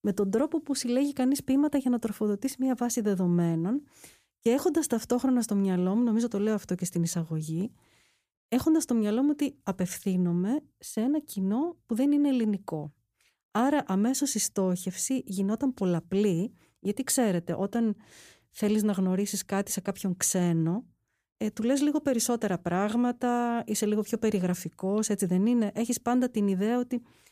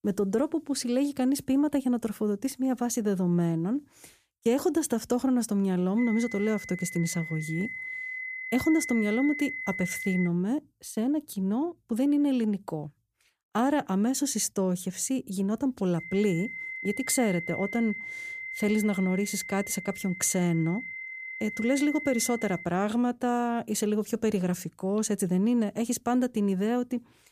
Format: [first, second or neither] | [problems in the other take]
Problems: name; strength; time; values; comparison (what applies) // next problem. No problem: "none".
first | high-pitched whine; loud; from 6 to 10 s and from 16 to 23 s; 2 kHz, 8 dB below the speech